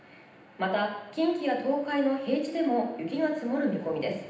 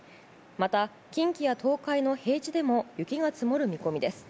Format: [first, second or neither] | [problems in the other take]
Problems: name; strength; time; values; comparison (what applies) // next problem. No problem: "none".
second | room echo; dies away in 0.9 s